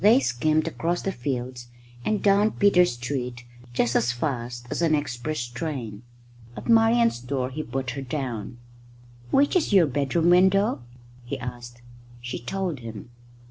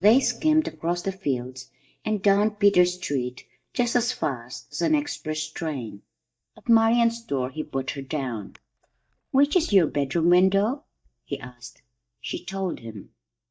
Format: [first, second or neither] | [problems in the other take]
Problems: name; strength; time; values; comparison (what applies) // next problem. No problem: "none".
first | noise reduction (neural mask model DeepFilterNet 3)